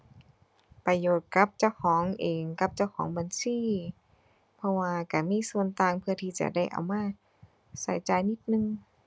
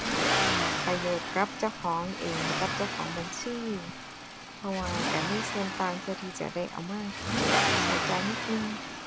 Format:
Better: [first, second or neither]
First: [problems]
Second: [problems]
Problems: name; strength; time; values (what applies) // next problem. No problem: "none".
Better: first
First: none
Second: background sound (Accelerating, revving, vroom); 3 dB above the speech